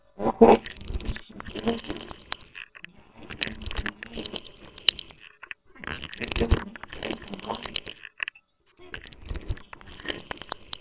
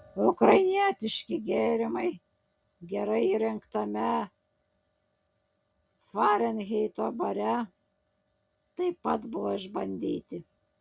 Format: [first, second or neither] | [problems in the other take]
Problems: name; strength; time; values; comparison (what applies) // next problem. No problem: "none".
second | noise reduction (neural separator model SepFormer WHAMR!)